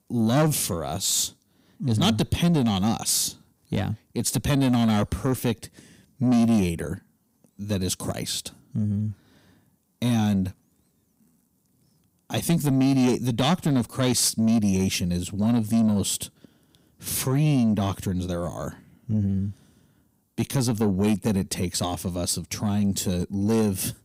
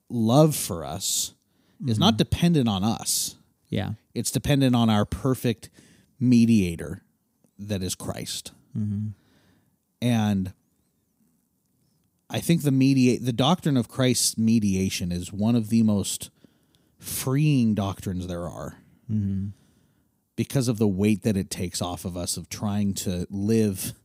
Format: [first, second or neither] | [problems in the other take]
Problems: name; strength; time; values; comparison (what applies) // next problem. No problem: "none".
second | distortion; slight; 10 dB below the speech